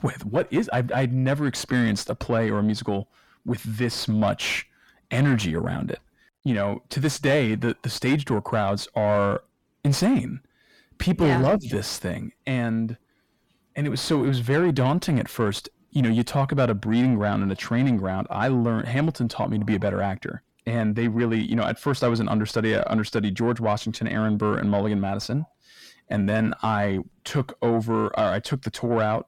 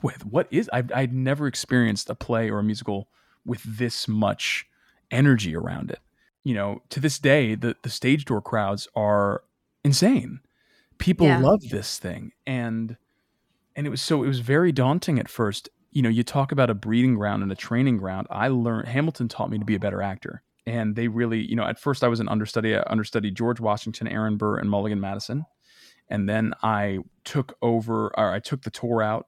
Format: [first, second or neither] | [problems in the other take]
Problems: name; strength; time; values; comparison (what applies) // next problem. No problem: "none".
second | distortion; slight; 10 dB below the speech